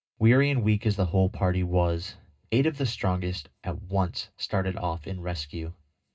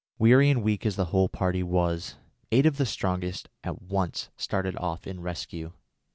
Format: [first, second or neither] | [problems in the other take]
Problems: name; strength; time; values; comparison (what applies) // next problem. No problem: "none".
second | room echo; dies away in 0.2 s